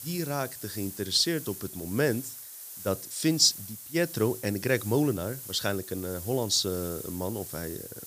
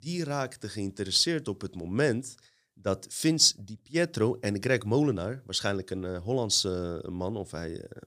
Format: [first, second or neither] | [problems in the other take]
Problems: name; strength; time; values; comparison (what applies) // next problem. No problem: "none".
second | hiss; noticeable; throughout; 10 dB below the speech